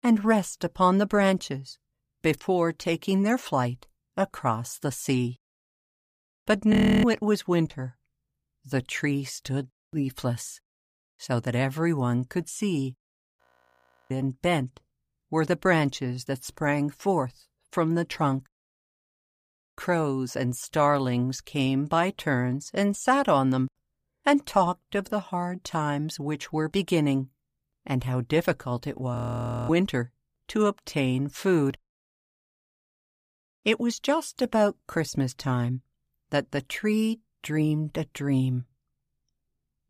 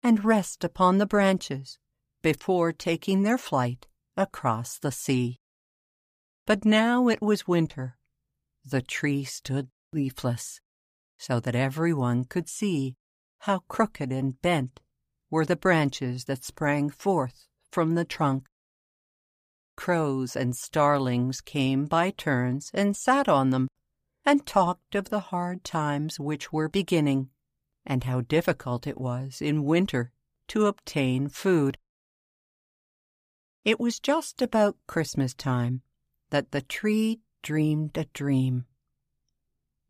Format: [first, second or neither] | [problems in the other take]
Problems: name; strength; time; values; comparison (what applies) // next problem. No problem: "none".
second | audio freezing; at 6.5 s, at 13 s for 0.5 s and at 29 s for 0.5 s